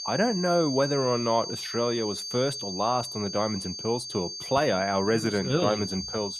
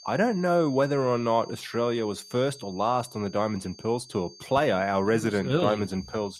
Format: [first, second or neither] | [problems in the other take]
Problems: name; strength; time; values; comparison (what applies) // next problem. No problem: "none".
second | high-pitched whine; loud; throughout; 4.5 kHz, 6 dB below the speech; faint in the second